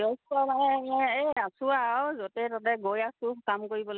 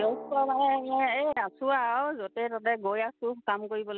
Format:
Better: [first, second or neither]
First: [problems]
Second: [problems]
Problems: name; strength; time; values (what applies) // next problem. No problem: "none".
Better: first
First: none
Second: background sound (Drum); 18 dB below the speech